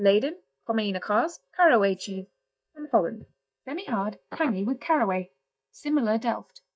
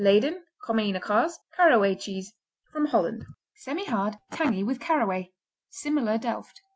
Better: second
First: noise reduction (neural mask model DeepFilterNet 3)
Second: none

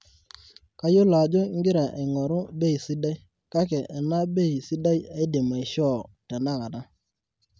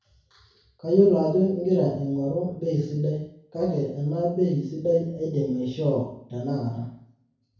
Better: first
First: none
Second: room echo; dies away in 0.6 s

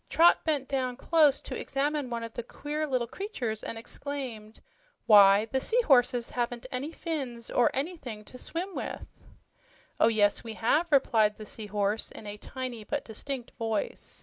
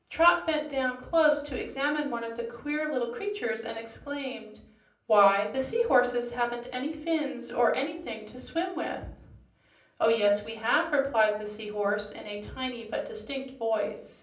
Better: first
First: none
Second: room echo; dies away in 0.6 s

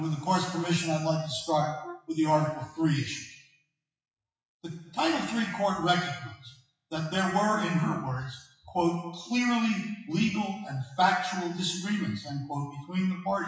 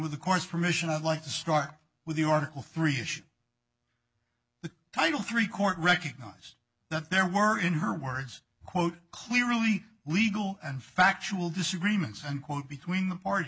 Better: second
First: noise reduction (classical method WPE with log-MMSE)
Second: none

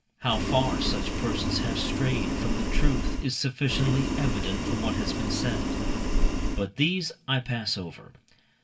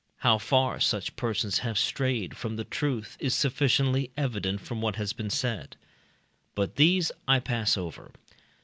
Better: second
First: background sound (Boiling); 4 dB above the speech // room echo; dies away in 0.2 s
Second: none

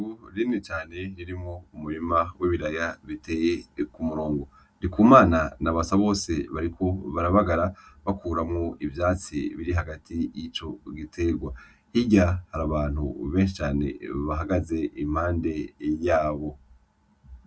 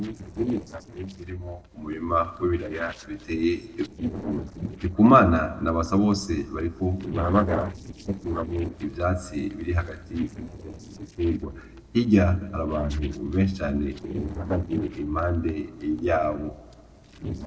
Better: first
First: none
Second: noise reduction (neural separator model SepFormer DNS4)

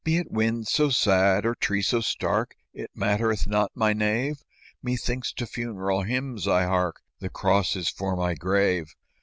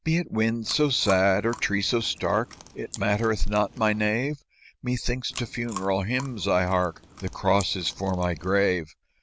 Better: first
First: none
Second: background sound (Chewing, mastication); 18 dB below the speech

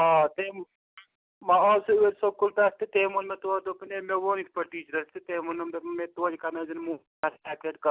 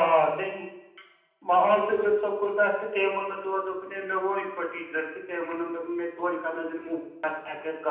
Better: first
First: none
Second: room echo; dies away in 0.9 s

